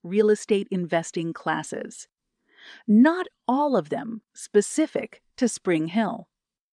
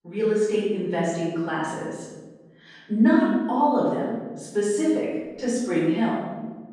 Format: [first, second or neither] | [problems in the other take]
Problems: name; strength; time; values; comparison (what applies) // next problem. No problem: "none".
first | off-mic speech; far // room echo; strong; dies away in 1.4 s